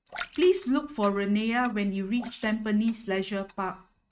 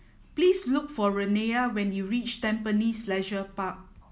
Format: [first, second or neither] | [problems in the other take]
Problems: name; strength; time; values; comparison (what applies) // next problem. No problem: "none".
second | noise reduction (neural mask model RNNoise)